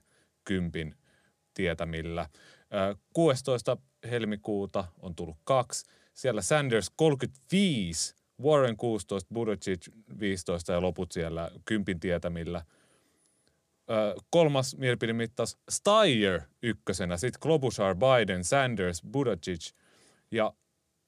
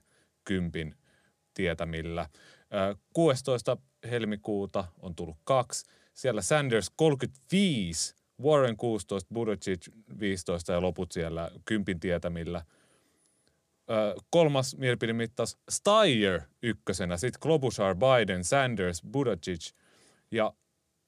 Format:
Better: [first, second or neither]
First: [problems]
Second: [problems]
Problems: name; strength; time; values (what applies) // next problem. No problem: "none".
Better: neither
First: none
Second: none